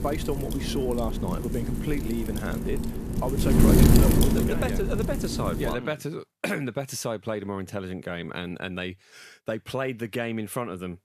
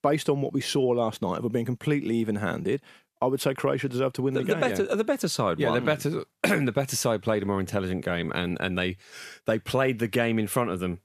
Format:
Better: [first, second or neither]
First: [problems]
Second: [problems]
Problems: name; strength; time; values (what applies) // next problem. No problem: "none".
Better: second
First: wind noise on the microphone; heavy; until 5.5 s; 1 dB above the speech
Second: none